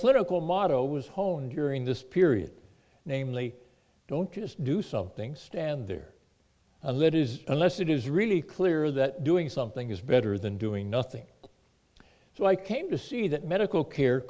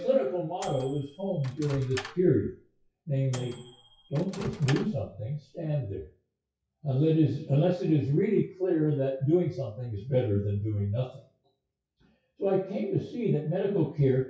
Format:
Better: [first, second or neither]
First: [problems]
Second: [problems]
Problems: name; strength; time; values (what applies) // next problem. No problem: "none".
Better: first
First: none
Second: noise reduction (classical method WPE with log-MMSE)